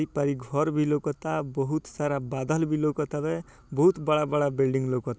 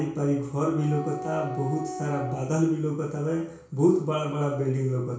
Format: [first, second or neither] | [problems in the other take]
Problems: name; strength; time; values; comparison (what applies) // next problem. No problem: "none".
first | background sound (Wind instrument, woodwind instrument); 11 dB below the speech // room echo; dies away in 0.6 s